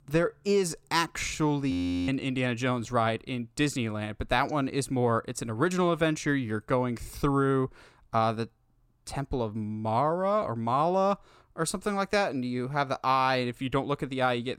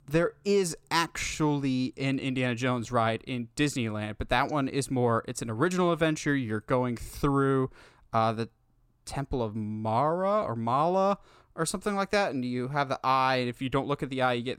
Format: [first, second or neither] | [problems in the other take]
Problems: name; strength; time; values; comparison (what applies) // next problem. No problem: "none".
second | audio freezing; at 1.5 s